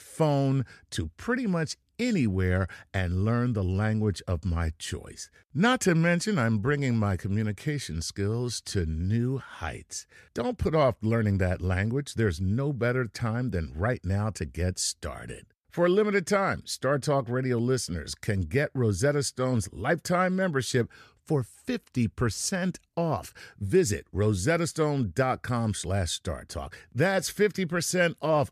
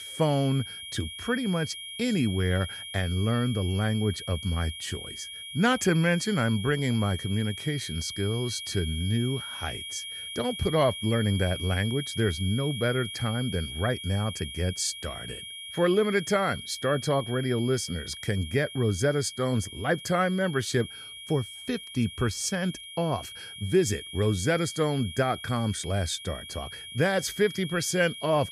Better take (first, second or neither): first